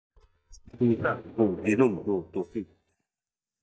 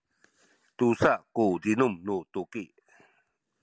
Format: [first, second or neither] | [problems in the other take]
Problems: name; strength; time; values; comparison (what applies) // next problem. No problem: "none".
second | noise reduction (neural mask model DeepFilterNet 3)